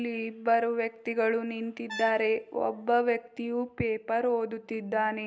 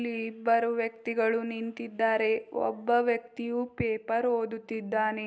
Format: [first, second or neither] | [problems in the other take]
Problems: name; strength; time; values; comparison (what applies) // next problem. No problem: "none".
second | background sound (Brass instrument); 15 dB below the speech